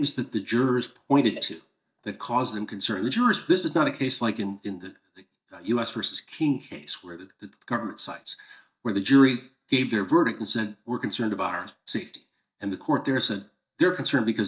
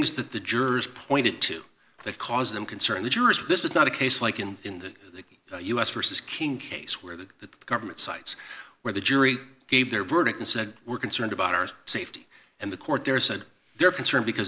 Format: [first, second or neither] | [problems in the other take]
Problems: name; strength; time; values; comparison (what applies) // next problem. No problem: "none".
second | noise reduction (neural mask model DeepFilterNet 3)